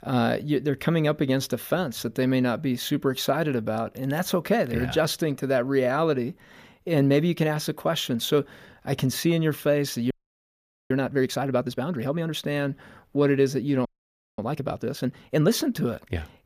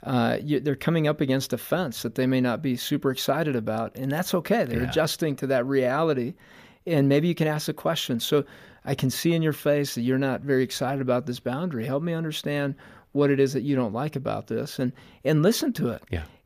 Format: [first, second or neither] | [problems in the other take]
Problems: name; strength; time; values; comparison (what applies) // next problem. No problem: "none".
second | audio freezing; at 10 s for 1 s and at 14 s for 0.5 s